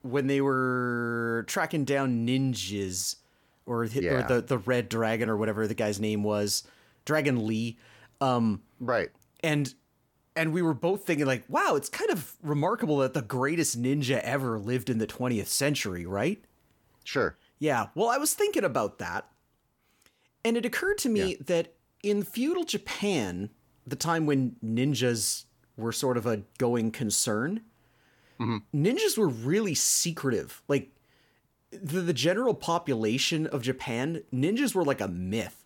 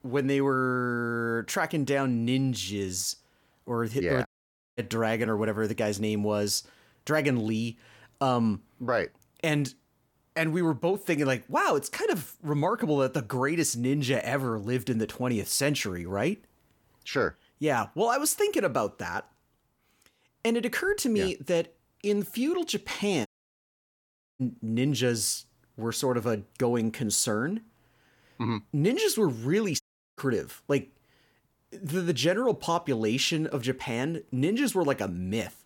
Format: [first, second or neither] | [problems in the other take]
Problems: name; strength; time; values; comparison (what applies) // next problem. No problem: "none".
first | audio cutting out; at 4.5 s for 0.5 s, at 23 s for 1 s and at 30 s